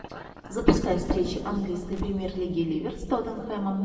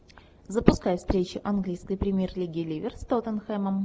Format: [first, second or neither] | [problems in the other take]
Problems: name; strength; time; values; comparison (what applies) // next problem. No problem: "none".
second | background sound (Crushing); 17 dB below the speech // room echo; dies away in 2.1 s